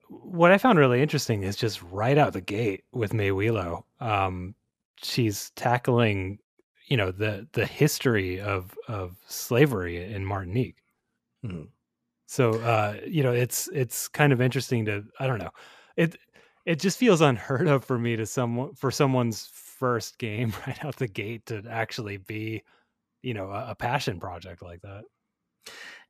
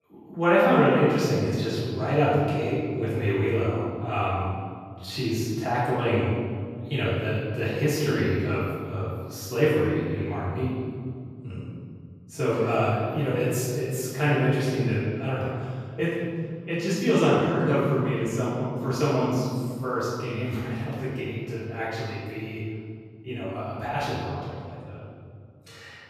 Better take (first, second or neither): first